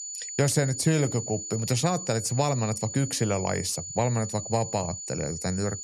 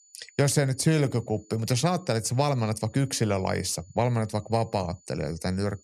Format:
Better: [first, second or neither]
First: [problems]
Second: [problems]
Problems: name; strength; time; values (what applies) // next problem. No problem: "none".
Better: second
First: high-pitched whine; loud; throughout; 7 kHz, 7 dB below the speech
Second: high-pitched whine; faint; throughout; 7 kHz, 30 dB below the speech